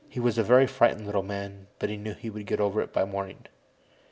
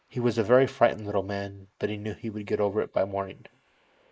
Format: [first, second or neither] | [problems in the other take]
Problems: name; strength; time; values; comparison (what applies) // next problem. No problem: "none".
first | noise reduction (neural mask model Resemble Enhance denoiser)